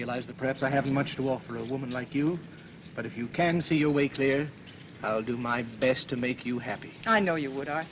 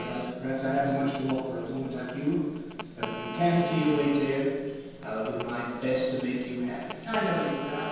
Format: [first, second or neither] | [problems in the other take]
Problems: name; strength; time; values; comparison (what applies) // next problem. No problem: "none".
first | background sound (Telephone); 12 dB below the speech // room echo; dies away in 1.2 s